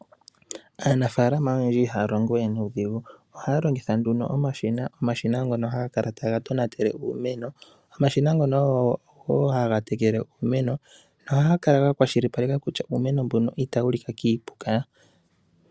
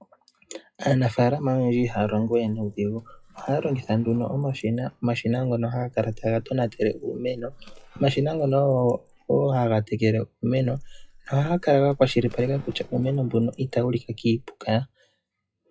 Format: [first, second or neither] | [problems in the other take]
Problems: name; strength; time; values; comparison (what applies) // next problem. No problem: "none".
first | noise reduction (classical method WPE with log-MMSE)